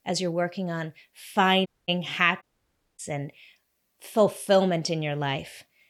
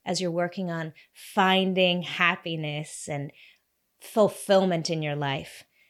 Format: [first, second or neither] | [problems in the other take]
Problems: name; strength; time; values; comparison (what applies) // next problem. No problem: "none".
second | audio cutting out; at 1.5 s and at 2.5 s for 0.5 s